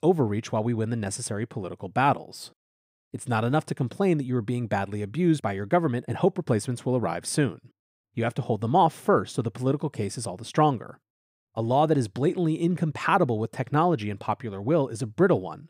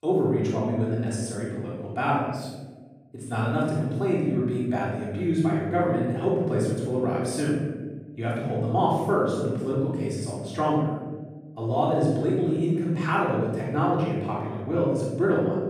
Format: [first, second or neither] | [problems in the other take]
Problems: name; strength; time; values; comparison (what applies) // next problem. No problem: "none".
first | off-mic speech; far // room echo; strong; dies away in 1.3 s